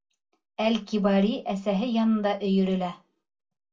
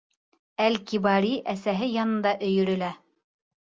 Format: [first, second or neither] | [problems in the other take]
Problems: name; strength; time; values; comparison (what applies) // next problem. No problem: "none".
second | room echo; dies away in 0.2 s